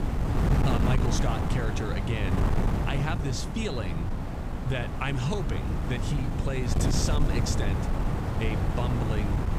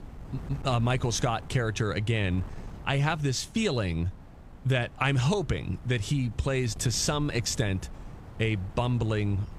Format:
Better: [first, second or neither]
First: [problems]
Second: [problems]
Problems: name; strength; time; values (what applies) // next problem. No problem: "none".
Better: second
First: wind noise on the microphone; heavy; 1 dB below the speech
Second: wind noise on the microphone; occasional gusts; 20 dB below the speech